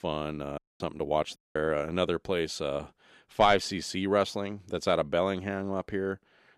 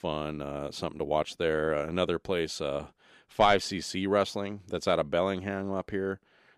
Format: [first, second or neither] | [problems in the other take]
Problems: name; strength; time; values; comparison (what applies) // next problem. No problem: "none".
second | audio cutting out; at 0.5 s and at 1.5 s